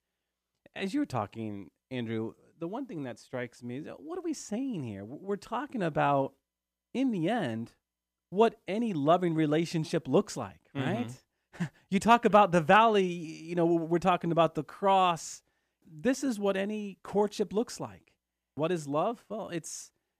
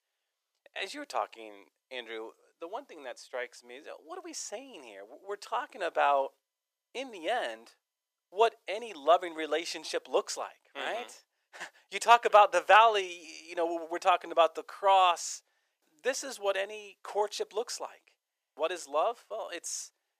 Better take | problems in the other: first | thin; very; fading below 500 Hz

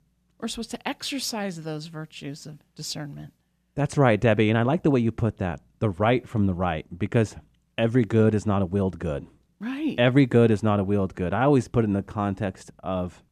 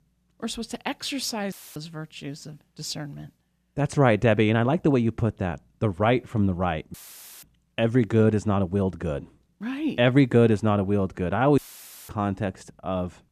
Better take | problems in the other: first | audio cutting out; filled with static; at 1.5 s, at 7 s and at 12 s for 0.5 s

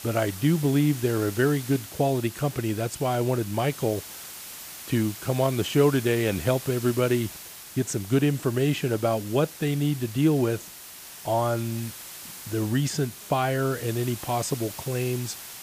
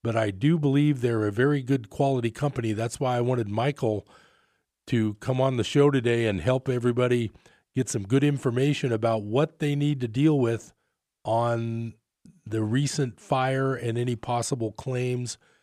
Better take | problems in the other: second | hiss; noticeable; throughout; 15 dB below the speech

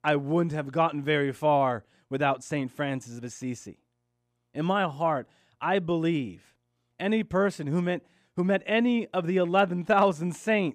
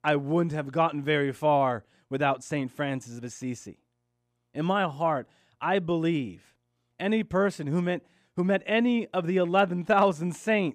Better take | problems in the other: neither | none

